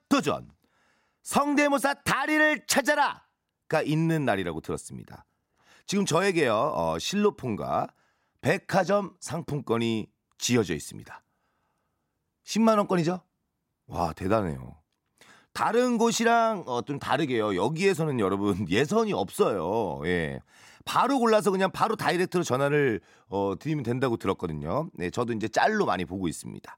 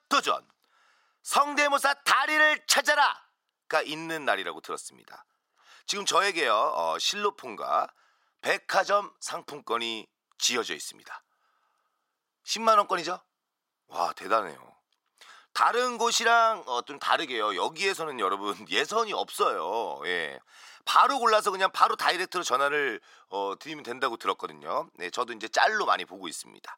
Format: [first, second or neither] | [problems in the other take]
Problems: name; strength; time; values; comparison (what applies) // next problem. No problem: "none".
first | thin; very; fading below 550 Hz